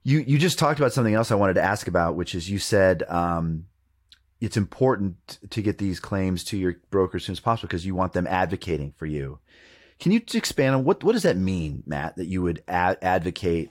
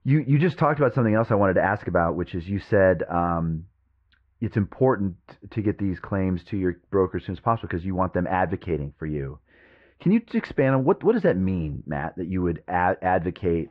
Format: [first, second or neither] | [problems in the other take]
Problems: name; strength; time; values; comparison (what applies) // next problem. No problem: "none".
first | muffled; very; fading above 2 kHz